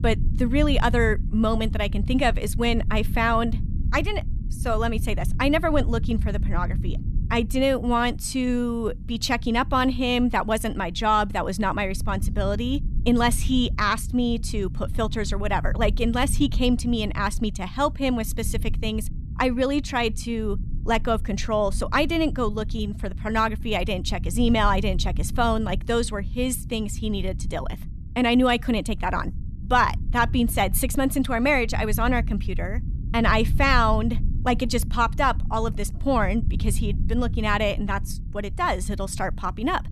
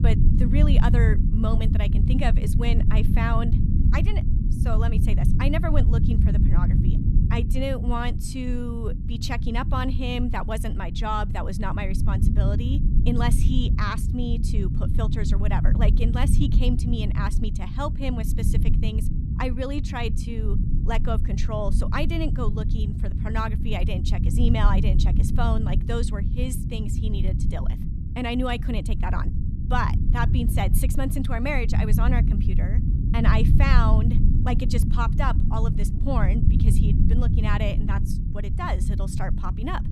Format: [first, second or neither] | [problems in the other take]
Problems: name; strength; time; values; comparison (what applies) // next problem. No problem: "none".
first | low rumble; loud; throughout; 6 dB below the speech; faint in the first